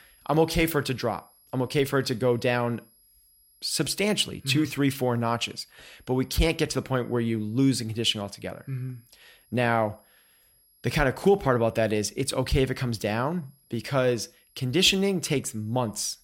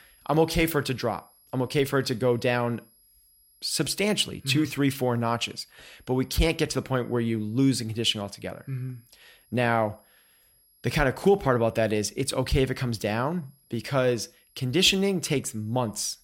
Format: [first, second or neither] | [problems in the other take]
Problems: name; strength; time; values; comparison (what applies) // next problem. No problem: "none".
neither | high-pitched whine; faint; throughout; 11.5 kHz, 35 dB below the speech; the same in both